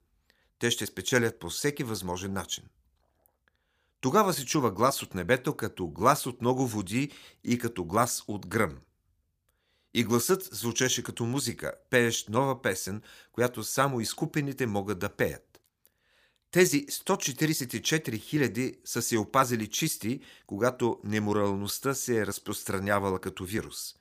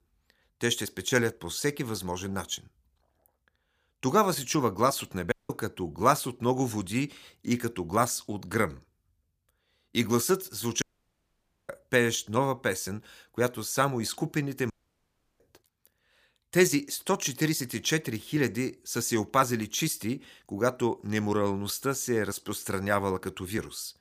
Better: first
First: none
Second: audio cutting out; at 5.5 s, at 11 s for 1 s and at 15 s for 0.5 s

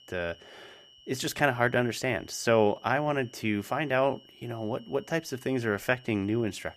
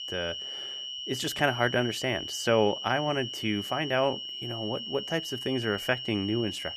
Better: first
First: high-pitched whine; faint; throughout; 3 kHz, 25 dB below the speech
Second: high-pitched whine; loud; throughout; 3 kHz, 6 dB below the speech

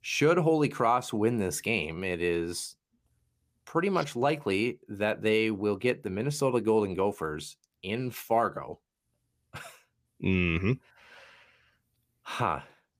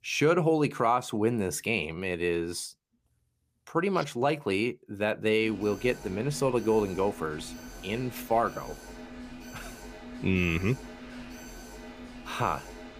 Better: first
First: none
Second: alarm; faint; from 5.5 s on; peak 15 dB below the speech

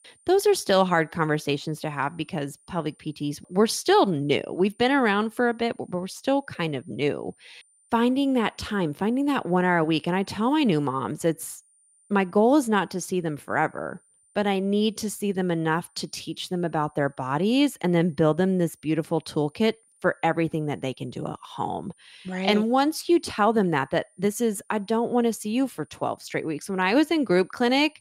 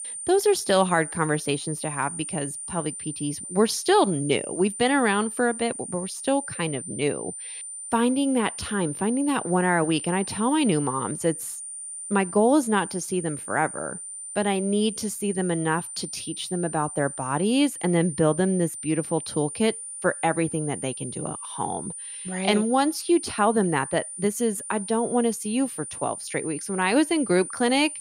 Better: first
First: high-pitched whine; faint; throughout; 9 kHz, 35 dB below the speech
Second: high-pitched whine; loud; throughout; 9 kHz, 9 dB below the speech

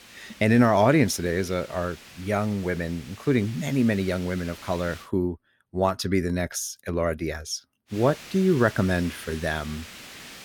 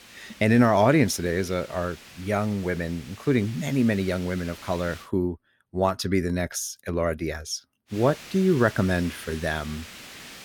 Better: neither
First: hiss; noticeable; until 5 s and from 8 s on; 20 dB below the speech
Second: hiss; noticeable; until 5 s and from 8 s on; 20 dB below the speech

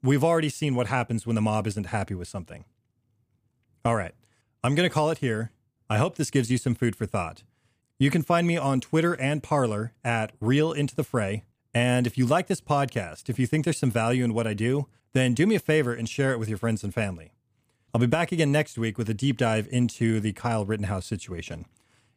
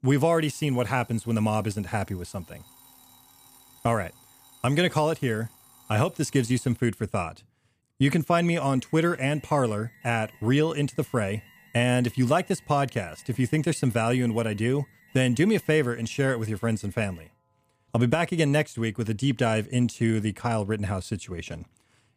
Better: first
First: none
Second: alarms or sirens; faint; throughout; 25 dB below the speech

